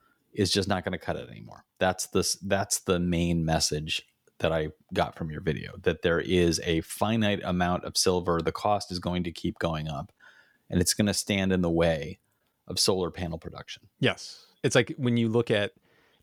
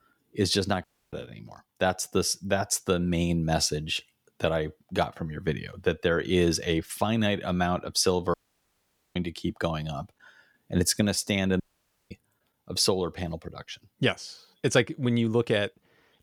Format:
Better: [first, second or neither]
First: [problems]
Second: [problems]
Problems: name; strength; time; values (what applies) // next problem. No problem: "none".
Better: first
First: none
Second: audio cutting out; at 1 s, at 8.5 s for 1 s and at 12 s for 0.5 s